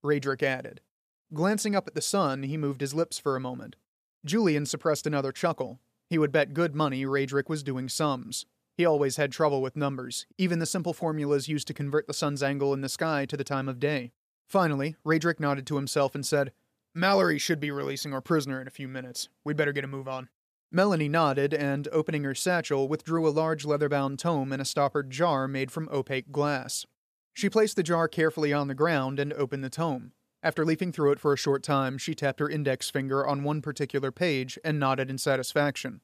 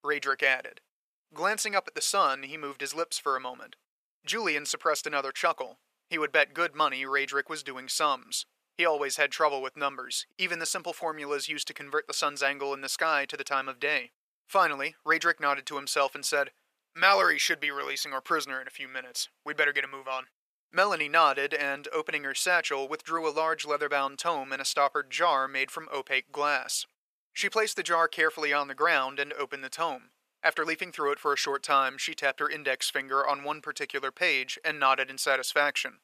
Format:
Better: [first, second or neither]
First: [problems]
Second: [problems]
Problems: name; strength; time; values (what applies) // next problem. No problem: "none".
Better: first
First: none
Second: thin; very; fading below 650 Hz